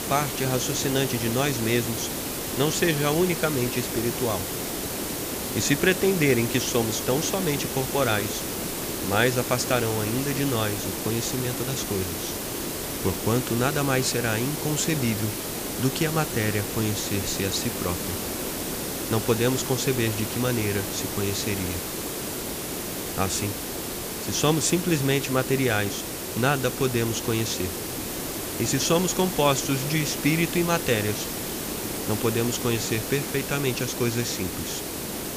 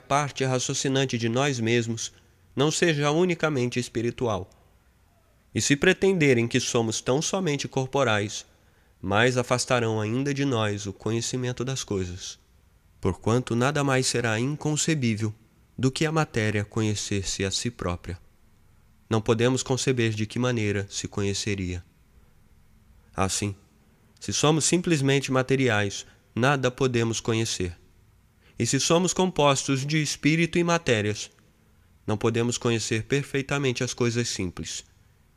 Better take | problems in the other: second | hiss; loud; throughout; 3 dB below the speech

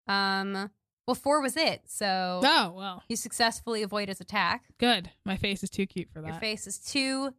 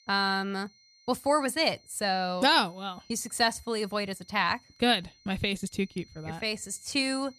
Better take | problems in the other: first | high-pitched whine; faint; throughout; 4 kHz, 30 dB below the speech

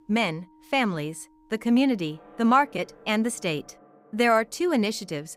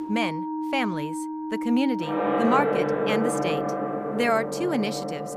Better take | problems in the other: first | background music; loud; throughout; as loud as the speech; faint in the first

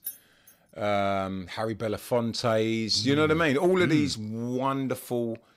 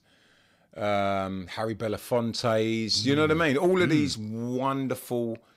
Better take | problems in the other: second | jangling keys; faint; at the start; peak 10 dB below the speech

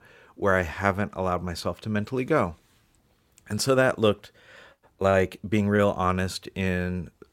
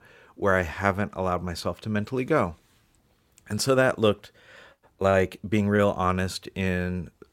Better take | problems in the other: neither | none

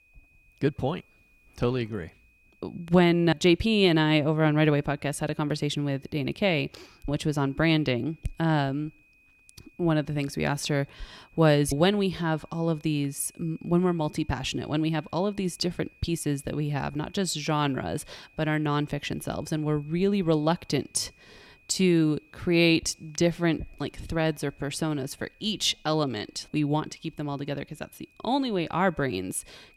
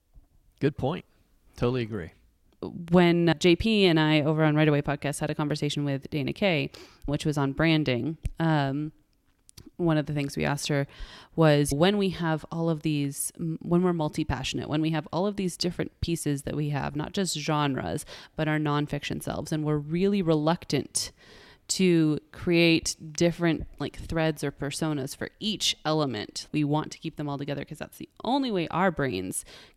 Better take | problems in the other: second | high-pitched whine; faint; throughout; 2.5 kHz, 30 dB below the speech

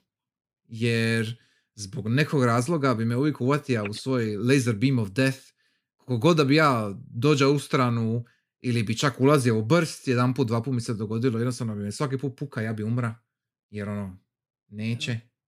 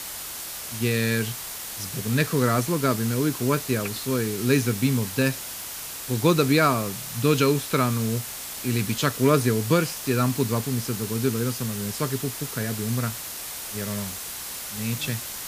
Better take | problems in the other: first | hiss; loud; throughout; 7 dB below the speech

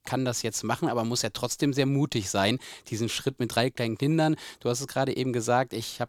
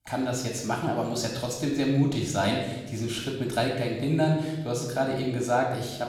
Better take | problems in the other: first | off-mic speech; somewhat distant // room echo; noticeable; dies away in 0.9 s

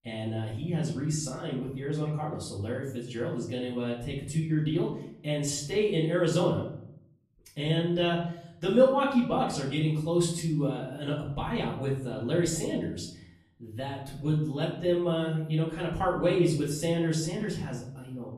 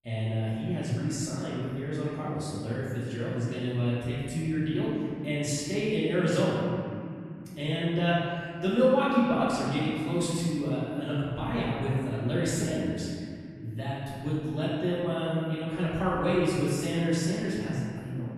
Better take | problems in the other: first | room echo; strong; dies away in 2.4 s; slight in the first // off-mic speech; far; far in the first

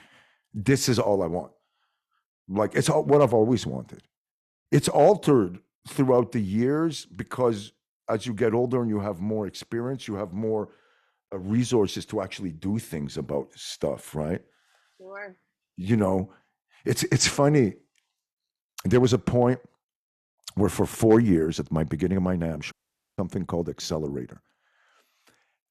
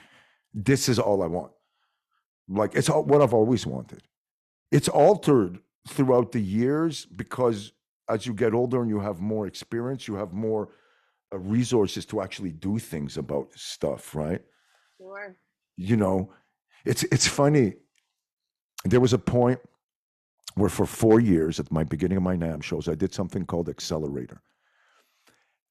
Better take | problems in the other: second | audio cutting out; at 23 s

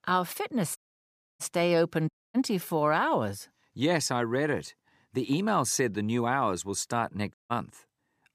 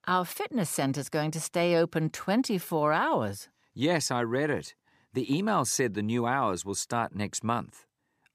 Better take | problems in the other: second | audio cutting out; at 1 s for 0.5 s, at 2 s and at 7.5 s

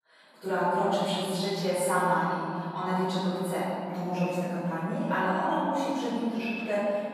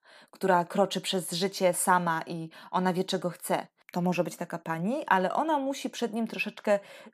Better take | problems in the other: second | off-mic speech; far // room echo; strong; dies away in 2.5 s

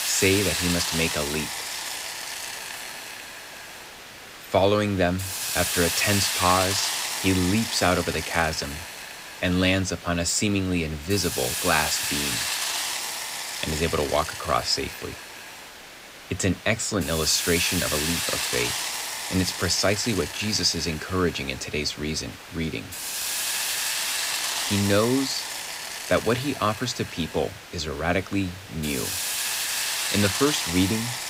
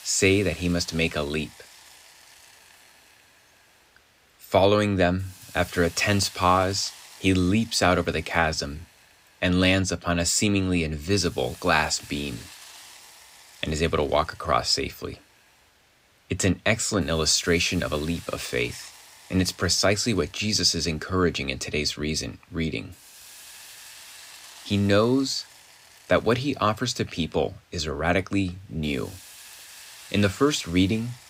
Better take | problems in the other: second | hiss; loud; throughout; 2 dB below the speech; faint in the second

